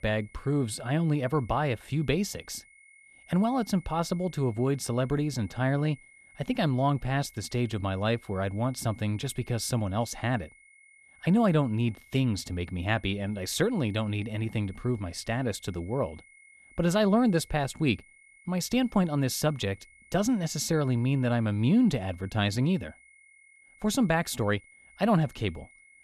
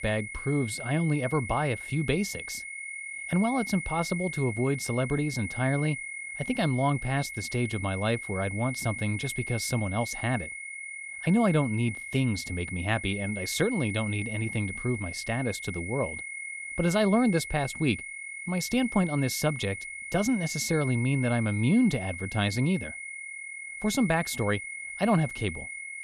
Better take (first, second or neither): first